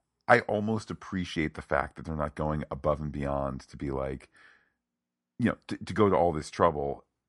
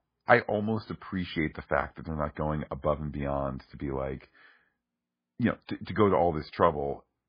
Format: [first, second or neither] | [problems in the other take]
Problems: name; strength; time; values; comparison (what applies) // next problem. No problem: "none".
first | garbled, watery; badly; nothing above 4 kHz; slightly in the first